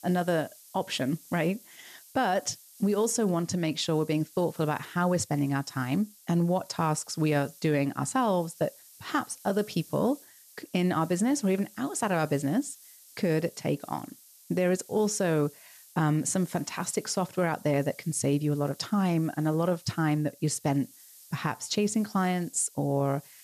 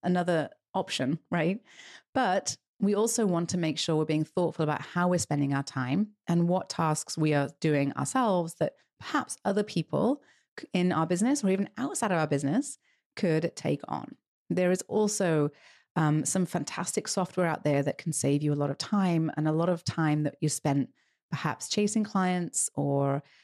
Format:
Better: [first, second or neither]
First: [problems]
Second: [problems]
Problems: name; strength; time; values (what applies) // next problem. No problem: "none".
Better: second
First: hiss; faint; throughout; 20 dB below the speech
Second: none